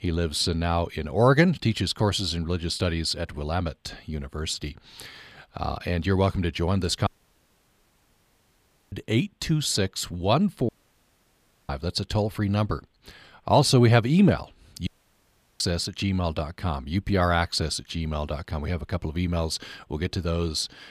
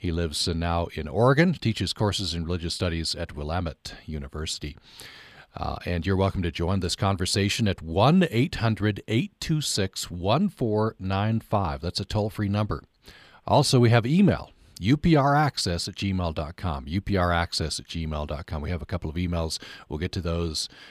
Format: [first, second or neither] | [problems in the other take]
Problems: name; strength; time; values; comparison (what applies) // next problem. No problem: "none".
second | audio cutting out; at 7 s for 2 s, at 11 s for 1 s and at 15 s for 0.5 s